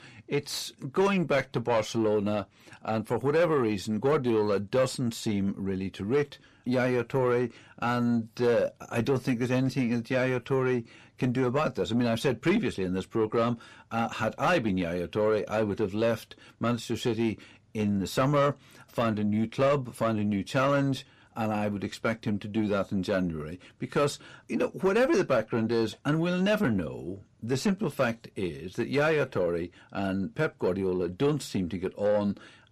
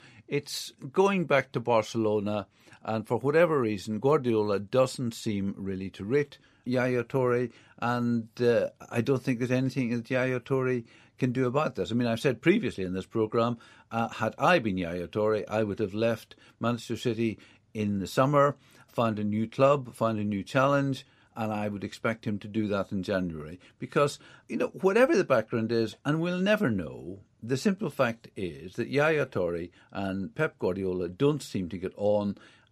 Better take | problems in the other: second | distortion; slight; 10 dB below the speech

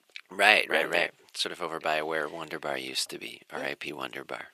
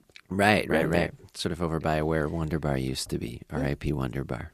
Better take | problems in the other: second | thin; very; fading below 550 Hz

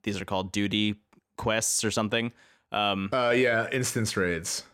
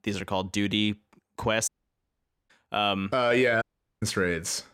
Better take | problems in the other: first | audio cutting out; at 1.5 s for 1 s and at 3.5 s

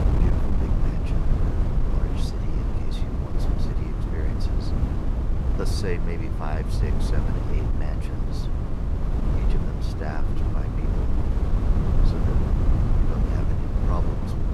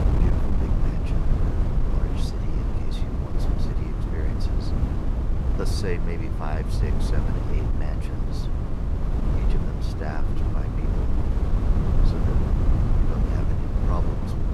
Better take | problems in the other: neither | wind noise on the microphone; heavy; 3 dB above the speech; the same in both

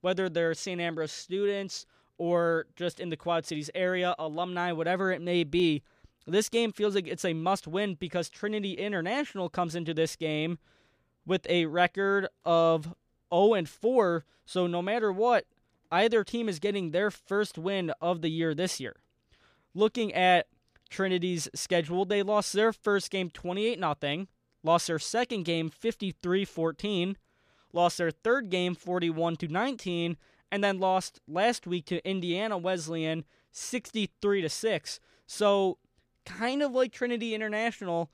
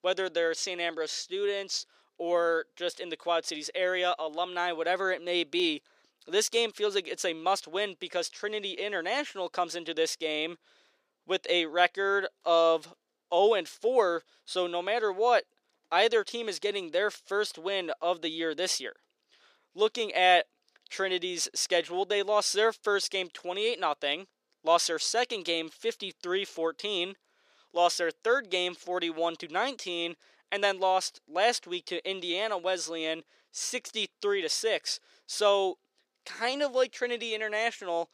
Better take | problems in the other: first | thin; very; fading below 400 Hz

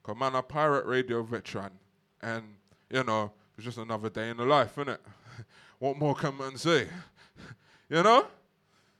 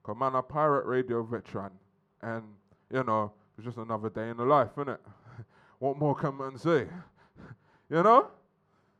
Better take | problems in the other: first | muffled; slightly; fading above 1.5 kHz

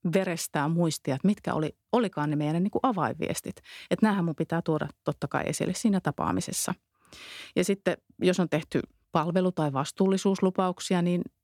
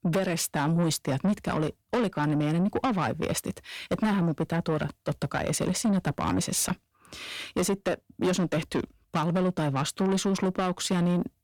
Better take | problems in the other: first | distortion; heavy; 7 dB below the speech

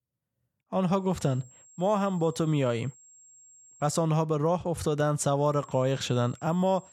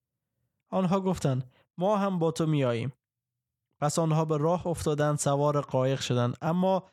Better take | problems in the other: second | high-pitched whine; faint; from 1 to 4 s and from 5.5 s on; 7.5 kHz, 25 dB below the speech

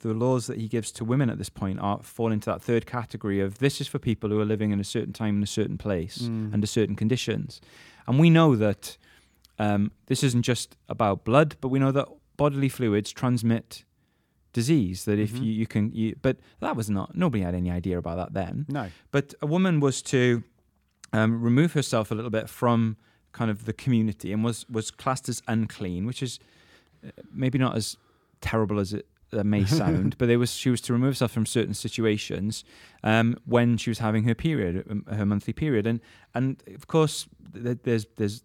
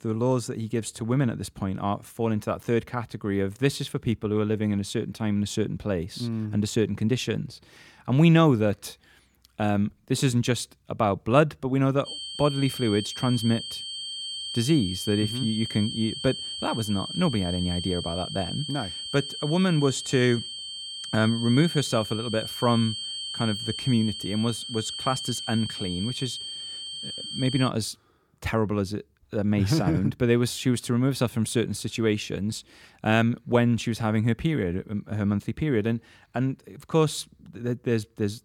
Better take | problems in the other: first | high-pitched whine; loud; from 12 to 28 s; 3 kHz, 6 dB below the speech

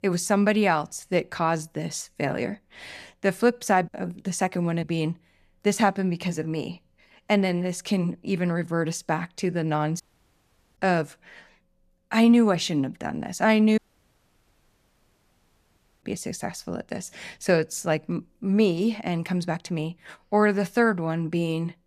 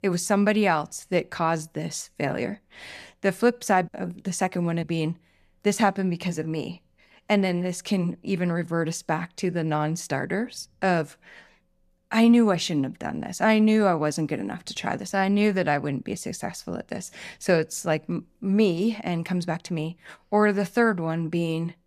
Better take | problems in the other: second | audio cutting out; at 10 s for 1 s and at 14 s for 2.5 s

